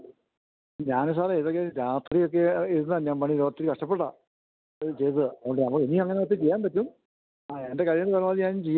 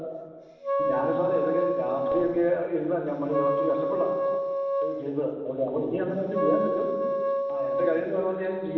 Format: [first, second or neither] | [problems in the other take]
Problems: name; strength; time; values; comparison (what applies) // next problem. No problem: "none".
first | background sound (Wind instrument, woodwind instrument); as loud as the speech // room echo; dies away in 1.6 s